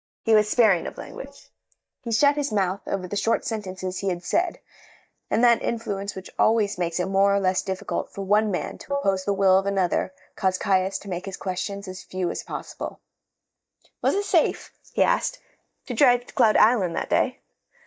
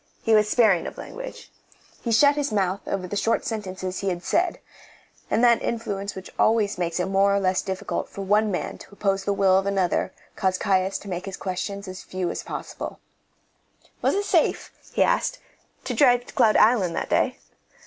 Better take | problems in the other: second | noise reduction (neural mask model DeepFilterNet 3)

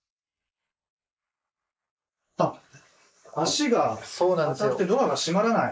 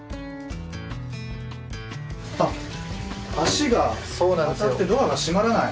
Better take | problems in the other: second | noise reduction (neural mask model Resemble Enhance denoiser)

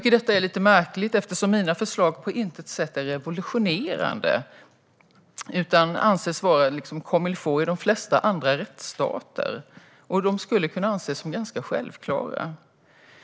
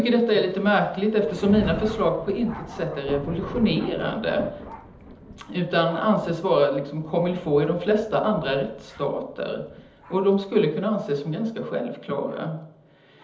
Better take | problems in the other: first | background sound (Thunder); 15 dB below the speech // room echo; dies away in 1.2 s

